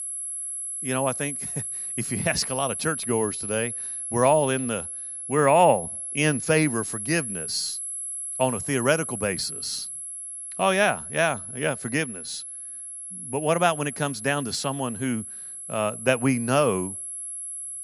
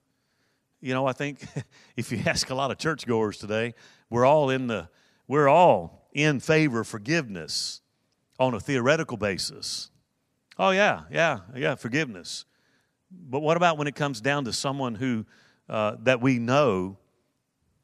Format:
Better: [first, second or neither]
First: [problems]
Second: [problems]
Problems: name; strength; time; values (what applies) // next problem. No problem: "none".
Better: second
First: high-pitched whine; loud; throughout; 11 kHz, 6 dB below the speech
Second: none